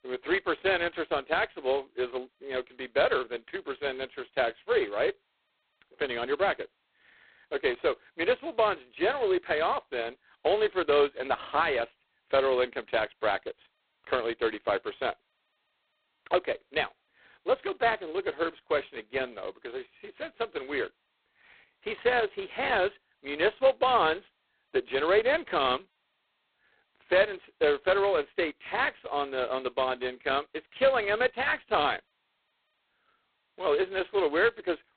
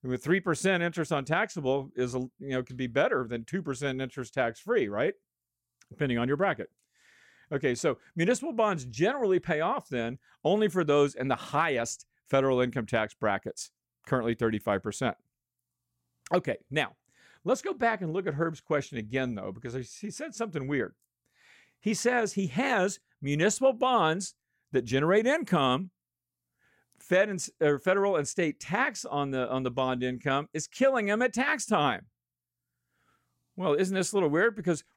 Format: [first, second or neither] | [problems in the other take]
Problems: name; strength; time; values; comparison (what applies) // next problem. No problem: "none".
second | phone-call audio; poor line; nothing above 4 kHz